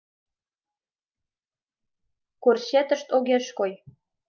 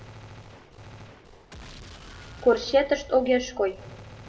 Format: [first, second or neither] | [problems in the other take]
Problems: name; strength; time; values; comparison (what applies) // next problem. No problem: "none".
first | background sound (Gunshot, gunfire); 17 dB below the speech // room echo; dies away in 0.5 s